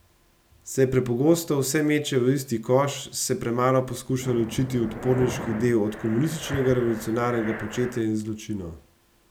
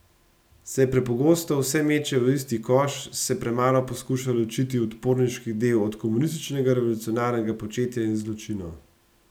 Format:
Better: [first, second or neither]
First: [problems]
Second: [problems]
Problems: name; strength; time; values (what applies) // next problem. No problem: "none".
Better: second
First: background sound (Breathing); 11 dB below the speech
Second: none